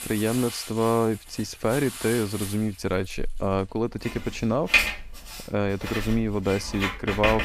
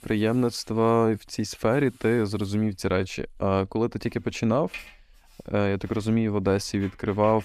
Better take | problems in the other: second | household noises; loud; throughout; 2 dB below the speech; faint in the second

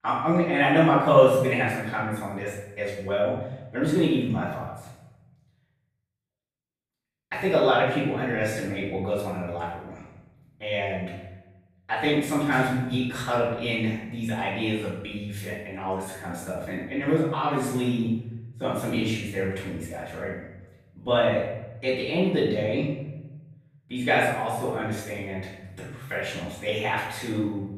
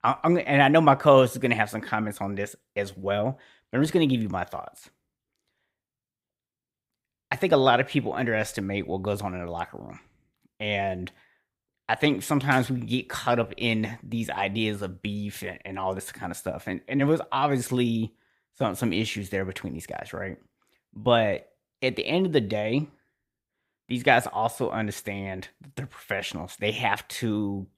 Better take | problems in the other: second | off-mic speech; far // room echo; noticeable; dies away in 0.8 s

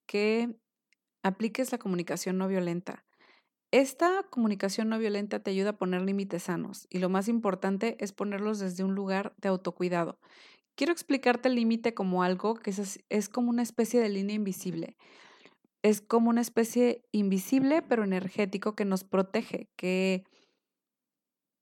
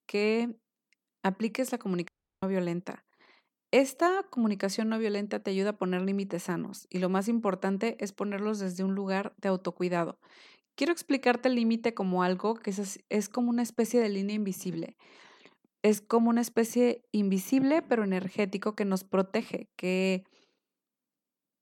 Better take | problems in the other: first | audio cutting out; at 2 s

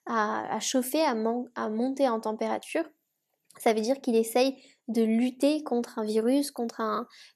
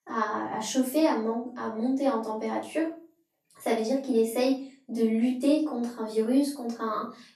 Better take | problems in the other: first | off-mic speech; far // room echo; slight; dies away in 0.4 s

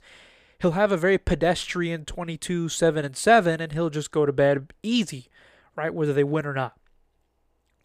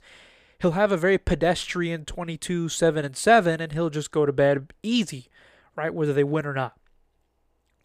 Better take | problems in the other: neither | none

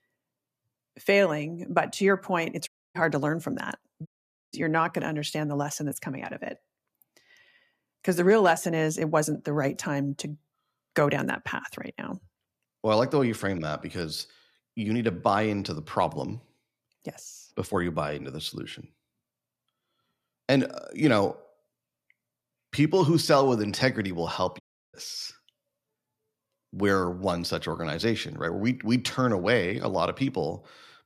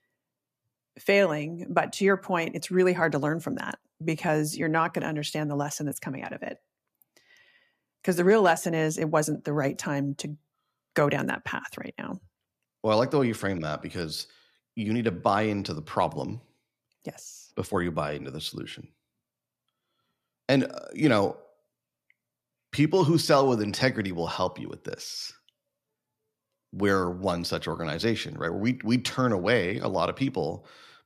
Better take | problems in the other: second | audio cutting out; at 2.5 s, at 4 s and at 25 s

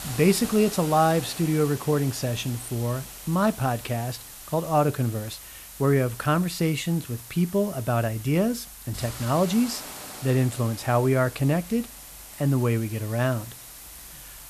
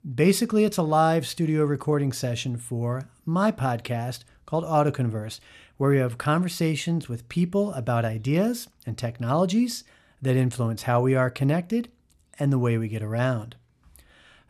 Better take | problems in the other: second | hiss; noticeable; throughout; 15 dB below the speech

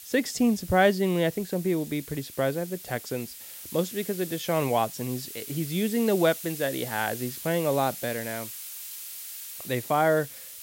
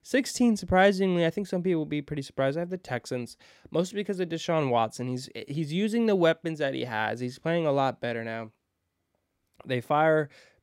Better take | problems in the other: second | hiss; noticeable; throughout; 10 dB below the speech

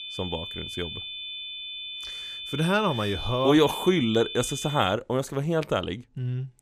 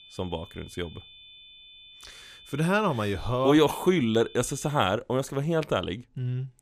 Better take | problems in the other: second | high-pitched whine; loud; until 5 s; 3.5 kHz, 8 dB below the speech; faint in the second

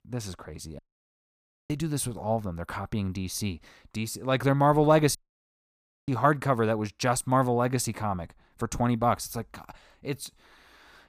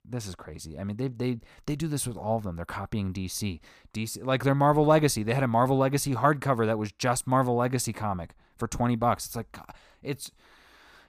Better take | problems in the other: second | audio cutting out; at 1 s for 1 s and at 5 s for 1 s

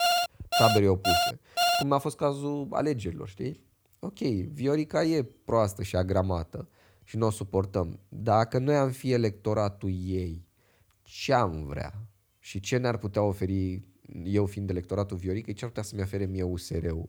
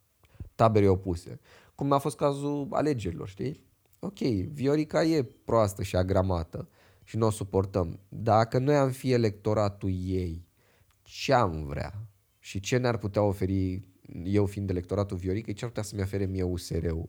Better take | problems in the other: second | alarm; loud; until 2 s; peak 4 dB above the speech

